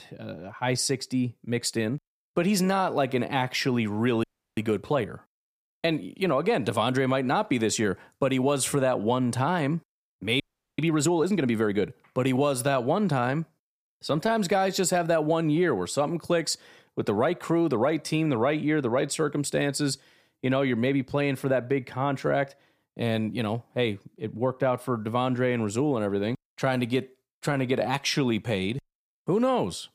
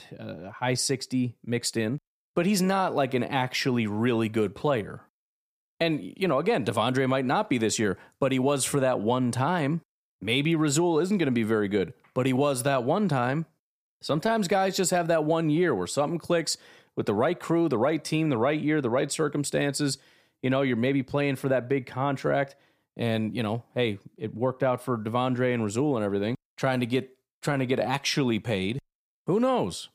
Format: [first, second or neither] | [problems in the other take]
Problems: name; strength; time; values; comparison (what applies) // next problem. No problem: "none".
second | audio freezing; at 4 s and at 10 s